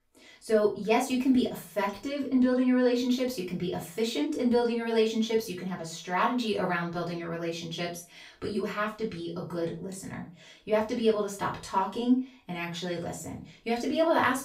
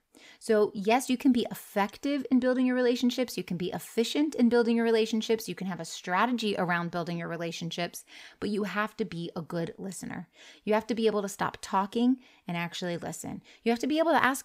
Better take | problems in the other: second | room echo; slight; dies away in 0.3 s // off-mic speech; far

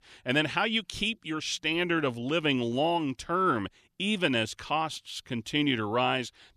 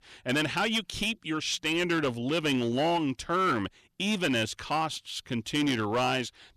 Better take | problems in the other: first | distortion; slight; 8% of the sound clipped

